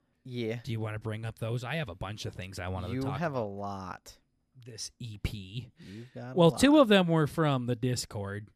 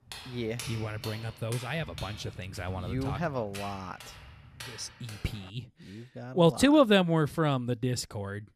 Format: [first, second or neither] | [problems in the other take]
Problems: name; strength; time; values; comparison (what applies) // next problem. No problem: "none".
first | footsteps; faint; until 5.5 s; peak 10 dB below the speech